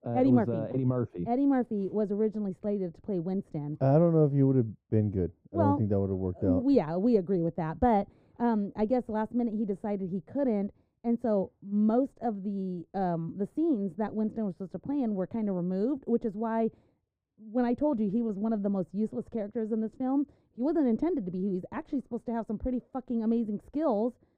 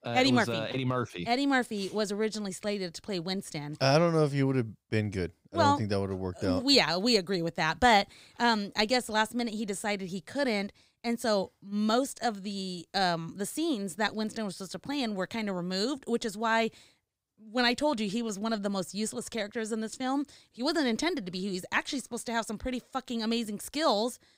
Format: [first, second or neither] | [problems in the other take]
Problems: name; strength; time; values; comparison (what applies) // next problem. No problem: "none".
second | muffled; very; fading above 1.5 kHz